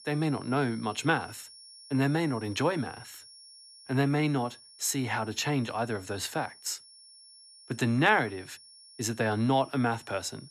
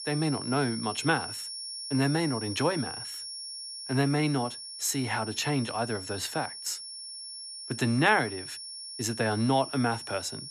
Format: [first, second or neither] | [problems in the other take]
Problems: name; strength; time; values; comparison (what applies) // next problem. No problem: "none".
first | high-pitched whine; loud; throughout; 5.5 kHz, 8 dB below the speech; faint in the first